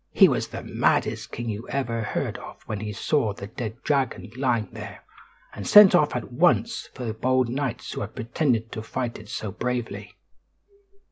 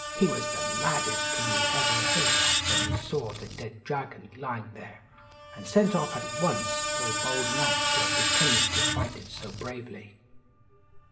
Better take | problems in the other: first | background sound (Screech); 4 dB above the speech // room echo; dies away in 2 s

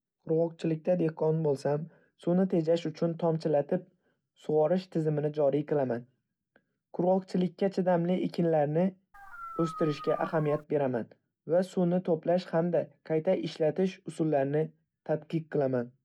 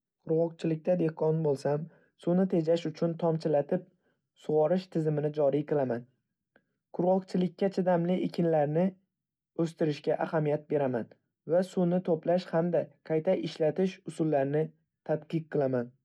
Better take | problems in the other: second | background sound (Dog); 12 dB below the speech

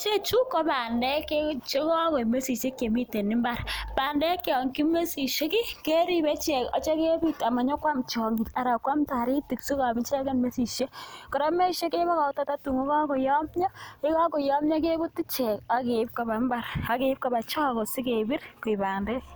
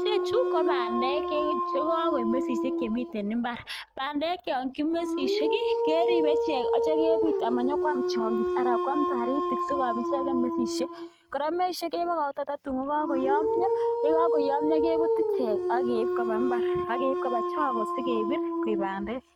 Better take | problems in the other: first | noise reduction (neural mask model RNNoise)

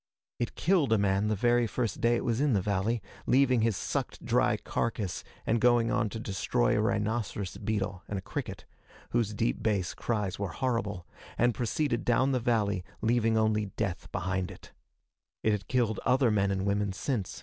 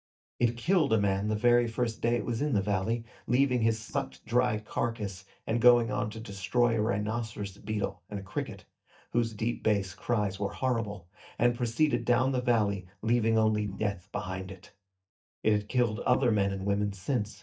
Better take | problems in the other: first | noise reduction (neural mask model DeepFilterNet 3)

